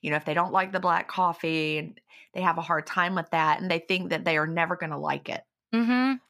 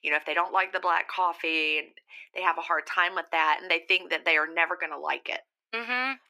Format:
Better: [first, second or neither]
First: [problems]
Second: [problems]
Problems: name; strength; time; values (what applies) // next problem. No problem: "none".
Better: first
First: none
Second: thin; very; fading below 350 Hz